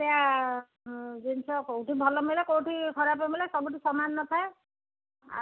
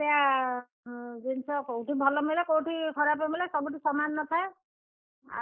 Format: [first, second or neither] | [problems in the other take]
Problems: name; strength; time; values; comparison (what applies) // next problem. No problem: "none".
first | noise reduction (neural mask model Resemble Enhance denoiser)